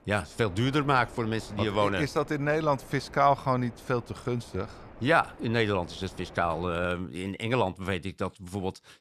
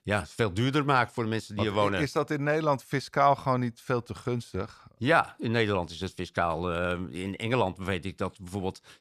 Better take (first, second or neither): second